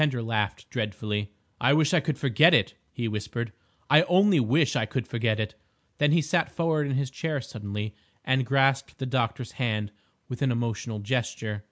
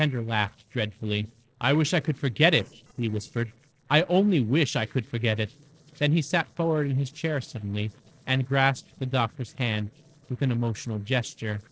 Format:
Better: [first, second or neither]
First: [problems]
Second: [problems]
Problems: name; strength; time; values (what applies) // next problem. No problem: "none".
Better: first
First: none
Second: noise reduction (neural separator model SepFormer DNS4)